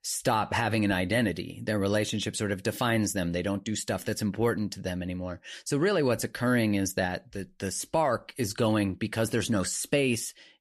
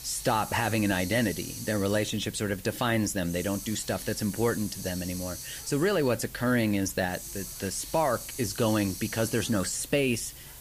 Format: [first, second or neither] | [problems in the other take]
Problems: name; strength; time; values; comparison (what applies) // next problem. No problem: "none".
first | hiss; noticeable; throughout; 10 dB below the speech